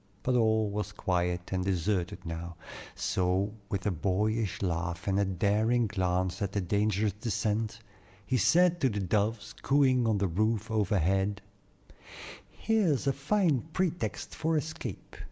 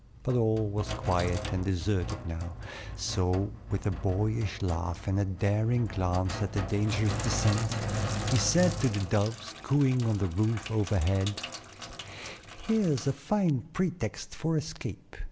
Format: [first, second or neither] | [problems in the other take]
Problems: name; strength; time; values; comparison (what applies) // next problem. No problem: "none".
first | background sound (Sink (filling or washing)); 8 dB below the speech